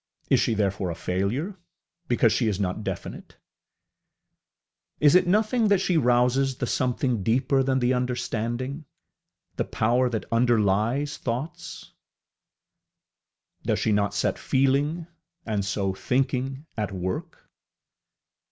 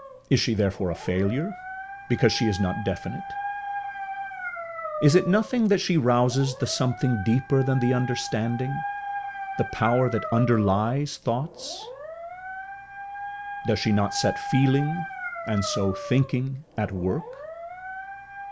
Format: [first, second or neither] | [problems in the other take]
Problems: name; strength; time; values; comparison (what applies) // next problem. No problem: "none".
first | background sound (Dog); 10 dB below the speech